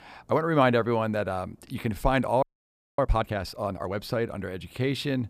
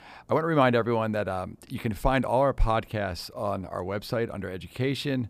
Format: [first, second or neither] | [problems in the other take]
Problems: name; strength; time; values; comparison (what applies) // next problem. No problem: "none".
second | audio freezing; at 2.5 s for 0.5 s